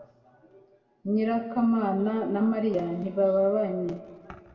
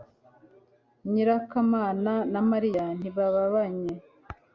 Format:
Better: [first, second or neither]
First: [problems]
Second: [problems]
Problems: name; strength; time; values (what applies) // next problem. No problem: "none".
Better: second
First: room echo; dies away in 1.9 s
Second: none